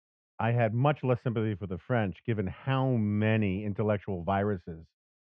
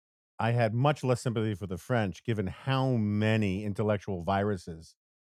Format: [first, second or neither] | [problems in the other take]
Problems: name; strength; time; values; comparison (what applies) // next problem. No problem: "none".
second | muffled; very; fading above 2.5 kHz